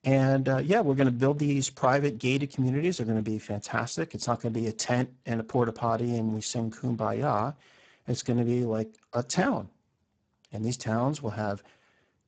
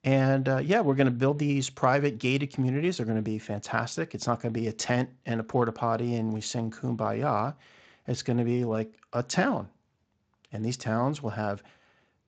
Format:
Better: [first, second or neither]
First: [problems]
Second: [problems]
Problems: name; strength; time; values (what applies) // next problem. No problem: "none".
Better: second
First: garbled, watery; badly; nothing above 7.5 kHz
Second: garbled, watery; slightly; nothing above 7.5 kHz